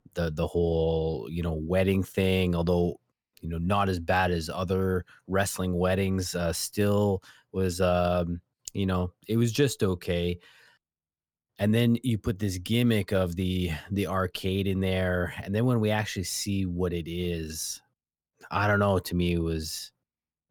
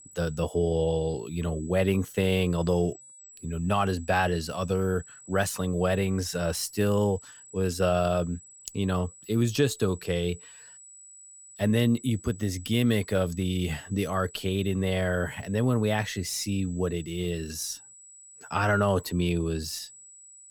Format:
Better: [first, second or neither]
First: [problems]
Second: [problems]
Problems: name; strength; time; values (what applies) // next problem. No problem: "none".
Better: first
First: none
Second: high-pitched whine; noticeable; throughout; 8 kHz, 20 dB below the speech